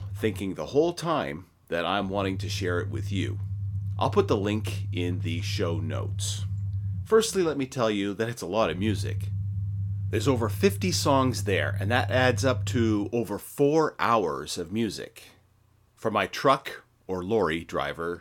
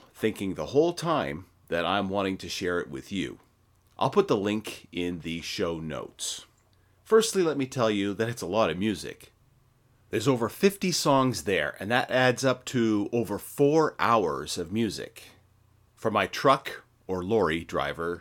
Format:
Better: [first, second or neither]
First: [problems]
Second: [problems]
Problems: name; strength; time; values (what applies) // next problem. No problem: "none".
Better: second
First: low rumble; noticeable; until 13 s; 20 dB below the speech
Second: none